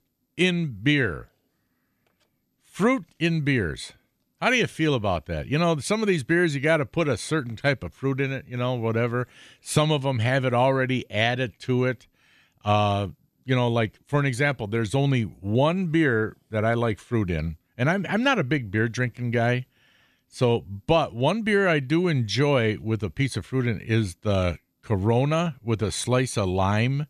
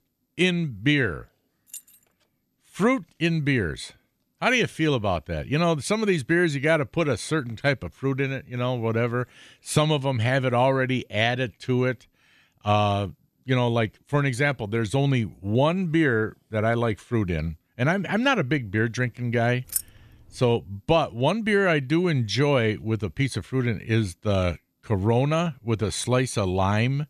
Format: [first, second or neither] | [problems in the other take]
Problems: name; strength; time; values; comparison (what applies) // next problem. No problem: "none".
first | jangling keys; faint; at 1.5 s; peak 15 dB below the speech // jangling keys; noticeable; at 20 s; peak 5 dB below the speech